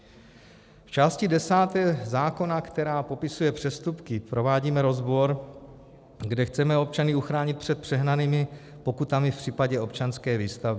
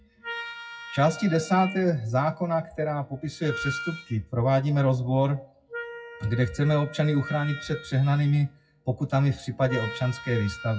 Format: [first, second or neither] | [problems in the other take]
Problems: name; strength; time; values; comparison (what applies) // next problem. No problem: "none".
first | noise reduction (classical method WPE with log-MMSE)